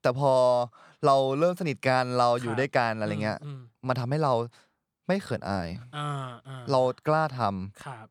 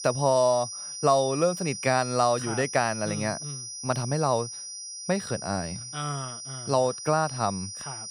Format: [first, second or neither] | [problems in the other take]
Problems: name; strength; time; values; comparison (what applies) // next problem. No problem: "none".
first | high-pitched whine; loud; throughout; 5.5 kHz, 8 dB below the speech